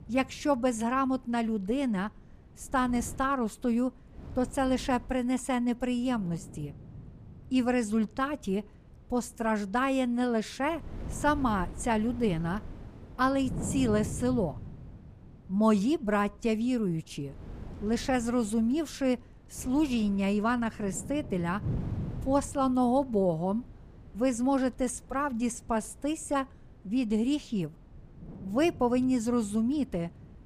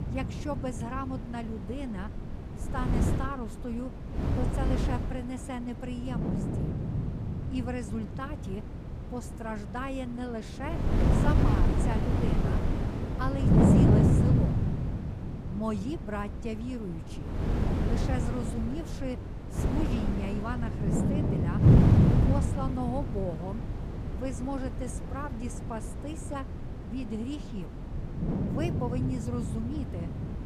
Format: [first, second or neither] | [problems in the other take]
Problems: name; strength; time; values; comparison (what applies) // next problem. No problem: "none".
first | wind noise on the microphone; heavy; 2 dB above the speech; occasional gusts in the first